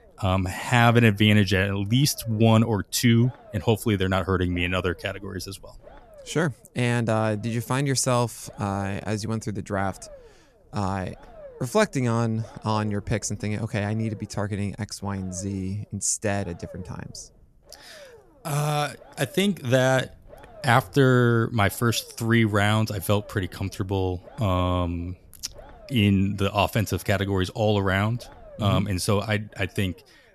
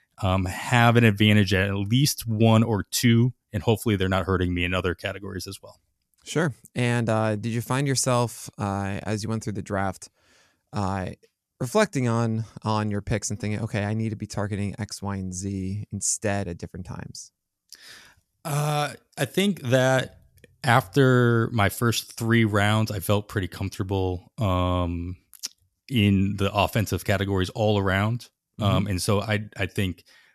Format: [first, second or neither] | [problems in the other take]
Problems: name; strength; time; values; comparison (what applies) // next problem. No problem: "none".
second | low rumble; faint; throughout; 25 dB below the speech